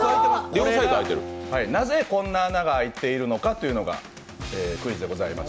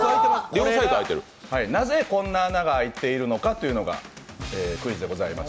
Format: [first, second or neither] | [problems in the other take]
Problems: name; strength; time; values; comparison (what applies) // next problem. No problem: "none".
second | background sound (Bowed string instrument); 15 dB below the speech